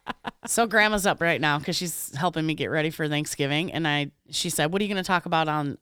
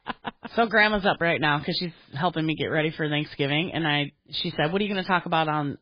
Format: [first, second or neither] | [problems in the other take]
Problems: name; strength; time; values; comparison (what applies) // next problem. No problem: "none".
first | garbled, watery; badly; nothing above 4.5 kHz